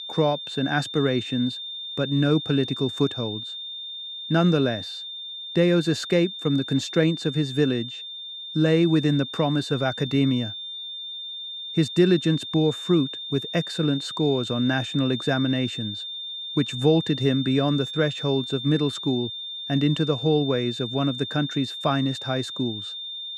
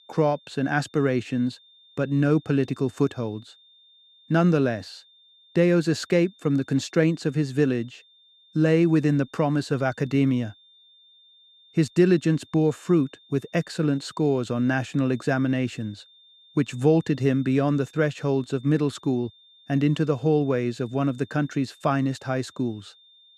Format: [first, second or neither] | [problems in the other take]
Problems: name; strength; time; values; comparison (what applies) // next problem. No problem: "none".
second | high-pitched whine; loud; throughout; 3.5 kHz, 8 dB below the speech; faint in the second